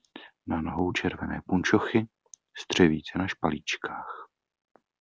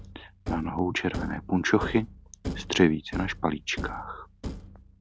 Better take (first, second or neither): first